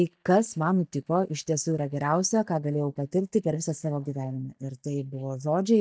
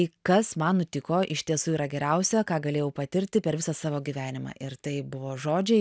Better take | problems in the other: second | noise reduction (neural mask model DeepFilterNet 3)

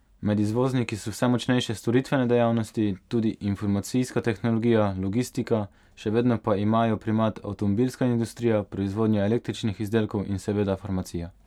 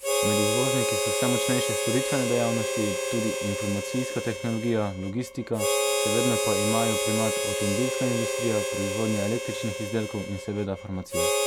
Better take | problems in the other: first | background sound (Harmonica); 1 dB above the speech

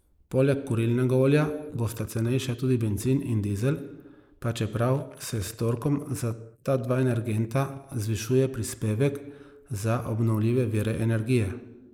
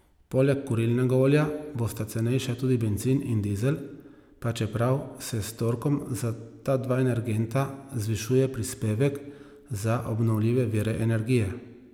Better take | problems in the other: second | noise reduction (neural mask model Resemble Enhance denoiser)

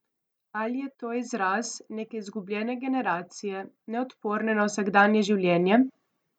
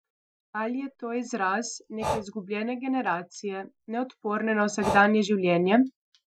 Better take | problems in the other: first | noise reduction (classical method Wiener filter)

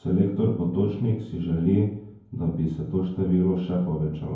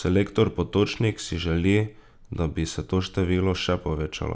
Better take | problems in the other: second | room echo; dies away in 0.9 s

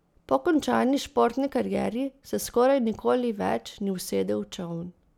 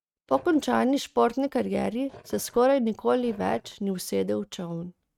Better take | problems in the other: first | noise reduction (neural mask model RNNoise)

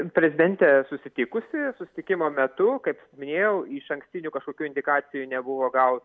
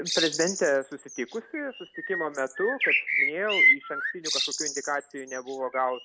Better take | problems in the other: first | background sound (Bird); 2 dB above the speech

